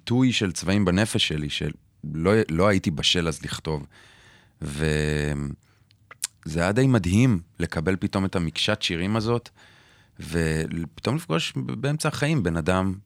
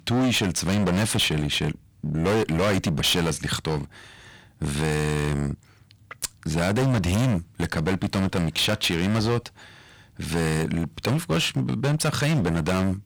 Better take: first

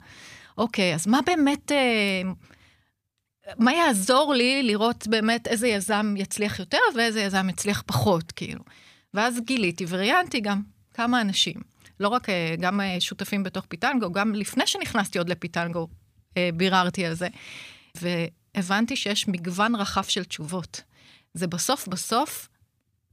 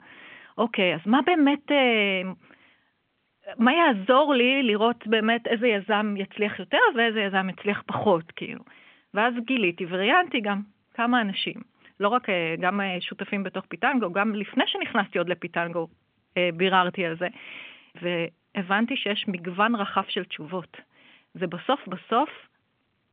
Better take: first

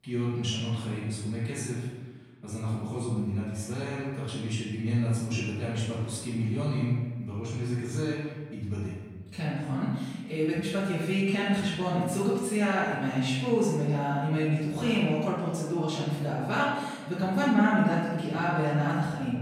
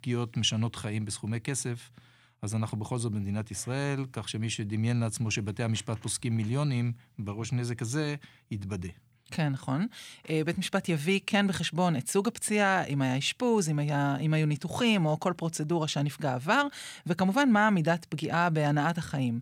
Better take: second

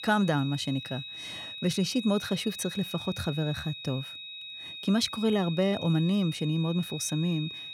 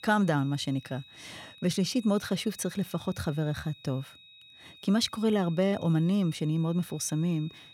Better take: second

